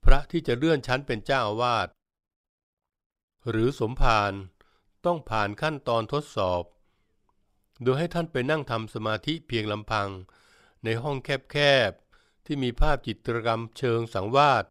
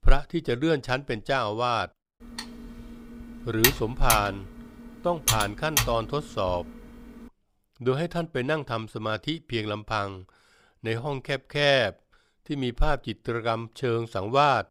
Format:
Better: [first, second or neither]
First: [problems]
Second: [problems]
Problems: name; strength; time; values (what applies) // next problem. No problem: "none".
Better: first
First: none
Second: keyboard typing; loud; from 2.5 to 6.5 s; peak 5 dB above the speech